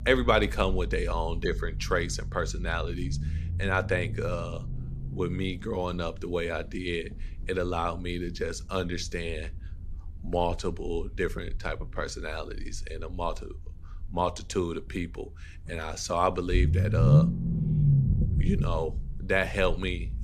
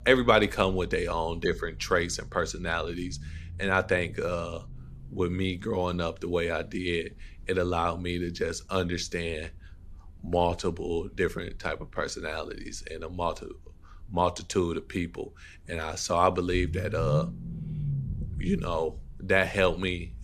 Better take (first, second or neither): second